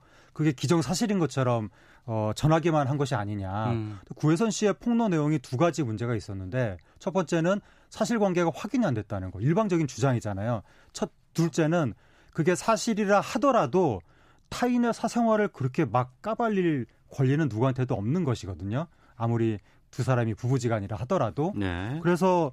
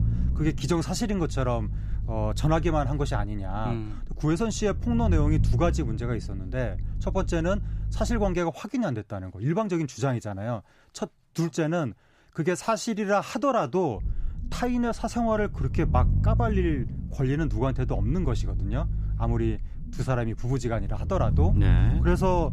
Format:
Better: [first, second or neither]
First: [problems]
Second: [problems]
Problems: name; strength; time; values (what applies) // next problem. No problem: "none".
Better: first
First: none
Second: low rumble; noticeable; until 8.5 s and from 14 s on; 15 dB below the speech